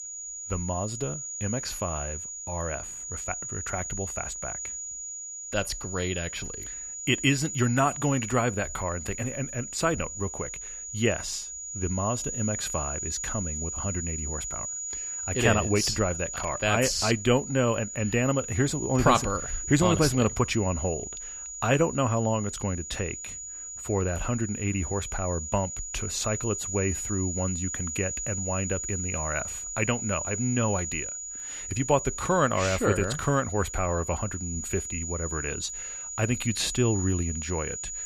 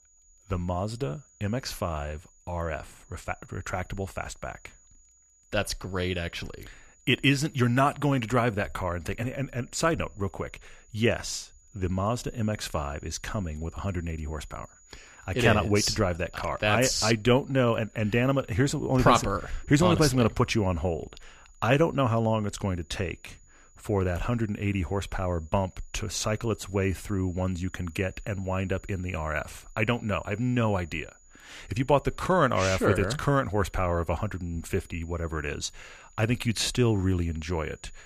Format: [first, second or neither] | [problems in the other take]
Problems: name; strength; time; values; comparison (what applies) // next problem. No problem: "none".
second | high-pitched whine; loud; throughout; 7 kHz, 5 dB below the speech; faint in the second